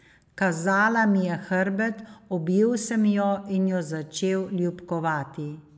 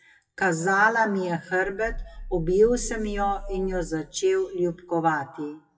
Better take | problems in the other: first | noise reduction (classical method WPE with log-MMSE)

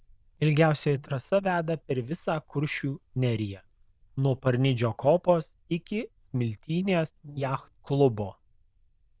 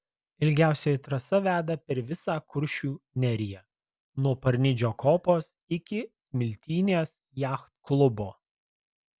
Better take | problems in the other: second | noise reduction (neural diffusion model UNIVERSE++)

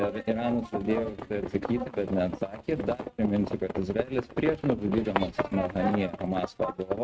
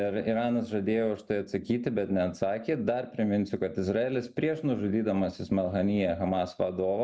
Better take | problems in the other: second | noise reduction (neural mask model RNNoise)

